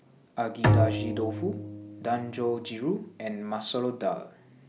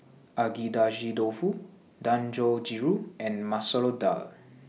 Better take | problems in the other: second | background sound (Bowed string instrument); 1 dB above the speech

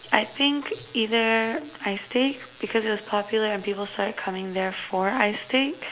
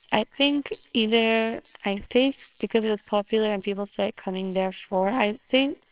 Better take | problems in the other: first | noise reduction (neural separator model SepFormer WHAMR!)

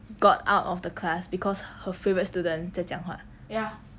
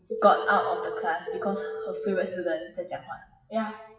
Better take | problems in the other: first | noise reduction (classical method WPE with log-MMSE)

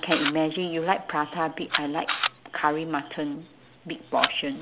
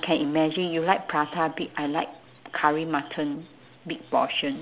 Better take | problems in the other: second | background sound (Camera); 5 dB below the speech

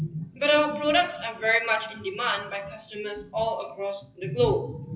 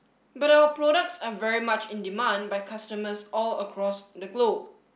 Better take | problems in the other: second | noise reduction (classical method WPE with log-MMSE)

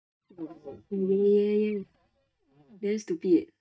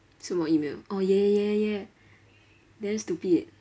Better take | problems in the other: second | noise reduction (neural mask model DeepFilterNet 3)

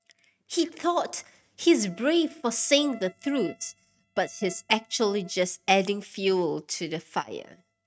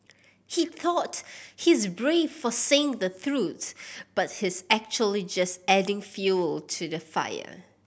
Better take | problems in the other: second | noise reduction (neural mask model RNNoise)

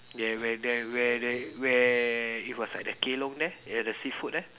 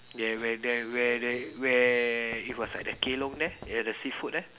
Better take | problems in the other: first | background sound (Knock); 17 dB below the speech

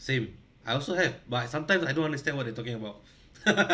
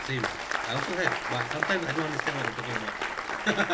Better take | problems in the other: first | background sound (Applause); 1 dB above the speech

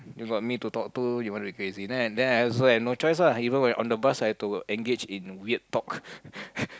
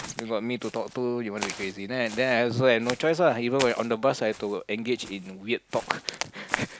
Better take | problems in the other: first | background sound (Walk, footsteps); 12 dB below the speech

